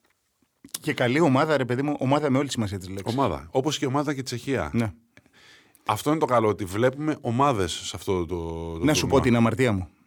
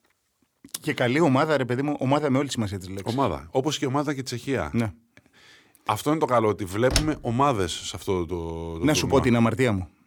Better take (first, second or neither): first